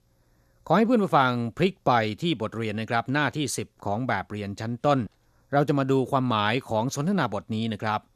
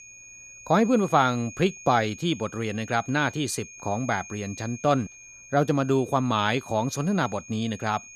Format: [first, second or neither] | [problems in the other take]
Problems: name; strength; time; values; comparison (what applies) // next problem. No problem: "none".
first | high-pitched whine; noticeable; throughout; 6.5 kHz, 15 dB below the speech